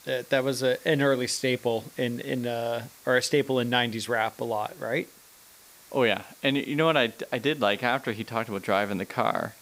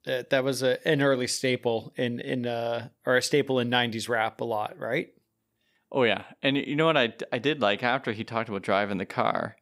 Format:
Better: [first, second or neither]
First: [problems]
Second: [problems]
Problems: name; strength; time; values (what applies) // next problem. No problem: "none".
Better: second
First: hiss; faint; throughout; 25 dB below the speech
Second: none